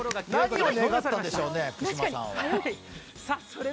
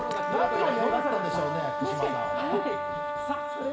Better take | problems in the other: first | background sound (Brass instrument); as loud as the speech // room echo; dies away in 0.9 s

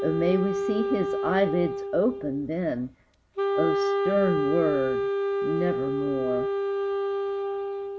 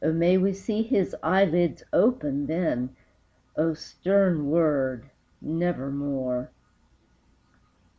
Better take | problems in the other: second | background sound (Wind instrument, woodwind instrument); 1 dB above the speech

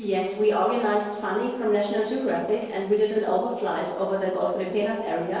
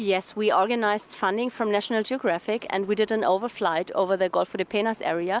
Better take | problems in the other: second | noise reduction (neural separator model SepFormer DNS4)

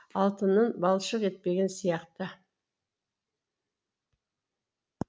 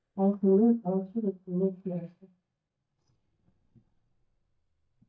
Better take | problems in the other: first | noise reduction (neural mask model DeepFilterNet 3)

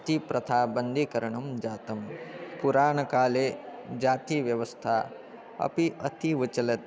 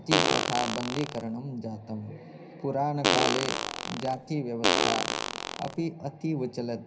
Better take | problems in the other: first | background sound (Fart); 4 dB above the speech // room echo; dies away in 0.4 s

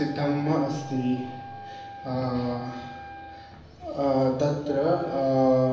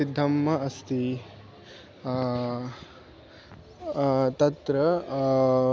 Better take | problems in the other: second | background sound (Wind instrument, woodwind instrument); 15 dB below the speech // room echo; dies away in 0.9 s

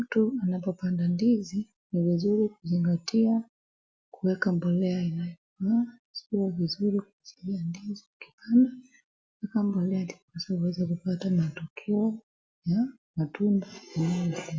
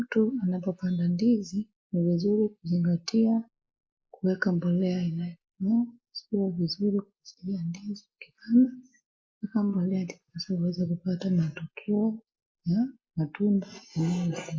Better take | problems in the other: first | noise reduction (neural mask model Resemble Enhance denoiser)

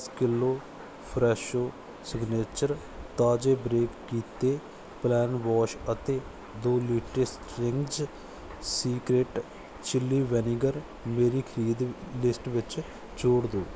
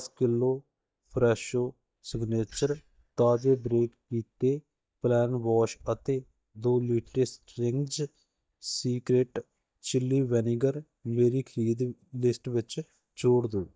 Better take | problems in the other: first | noise reduction (neural mask model DeepFilterNet 3)

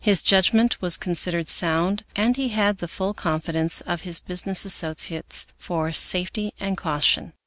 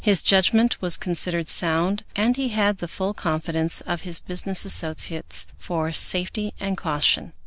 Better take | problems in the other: first | background sound (Walk, footsteps); 13 dB below the speech

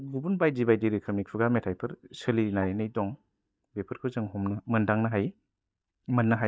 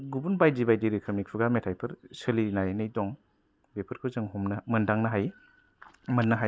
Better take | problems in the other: second | noise reduction (neural mask model DeepFilterNet 3)

